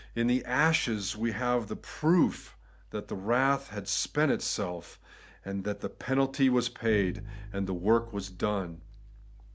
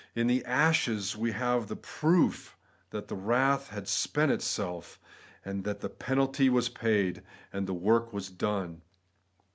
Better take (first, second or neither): second